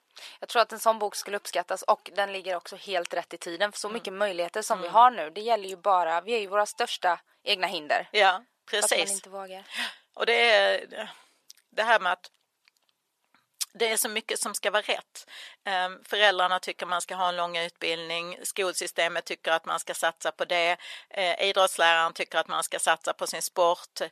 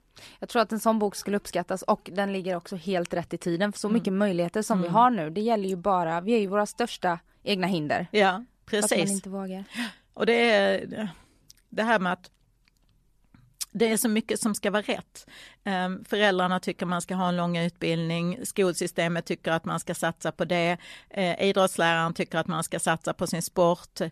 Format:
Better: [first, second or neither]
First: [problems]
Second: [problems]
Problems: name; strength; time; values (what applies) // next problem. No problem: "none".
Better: second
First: thin; very; fading below 700 Hz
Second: none